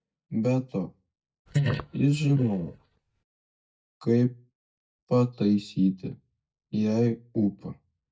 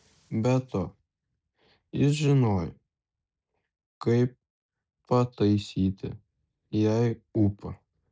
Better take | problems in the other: second | noise reduction (neural mask model DeepFilterNet 3)

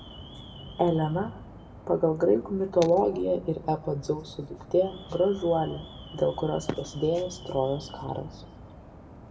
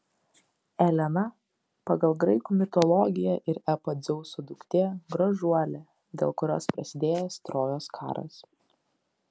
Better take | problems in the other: second | background sound (Alarm); 16 dB below the speech // room echo; dies away in 0.6 s

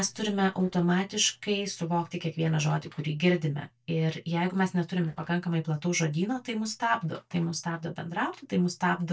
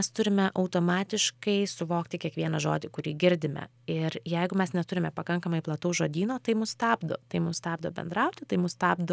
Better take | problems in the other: second | noise reduction (neural mask model DeepFilterNet 3)

